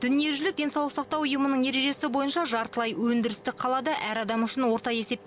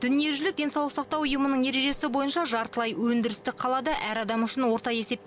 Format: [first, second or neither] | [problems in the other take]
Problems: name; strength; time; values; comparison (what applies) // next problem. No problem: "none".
first | background sound (Whoosh, swoosh, swish); 17 dB below the speech